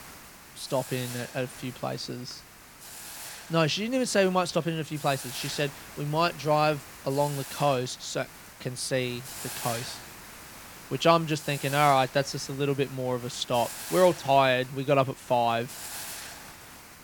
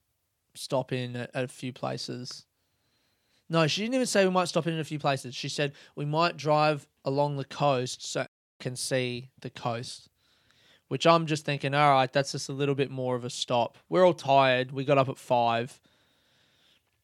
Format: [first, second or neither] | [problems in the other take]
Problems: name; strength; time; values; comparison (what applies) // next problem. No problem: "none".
second | hiss; noticeable; throughout; 15 dB below the speech